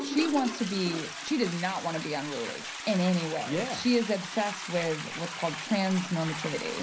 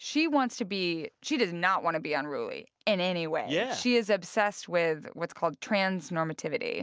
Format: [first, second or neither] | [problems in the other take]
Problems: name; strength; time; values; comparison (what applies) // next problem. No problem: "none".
second | background sound (Toilet flush); 8 dB below the speech // room echo; dies away in 0.5 s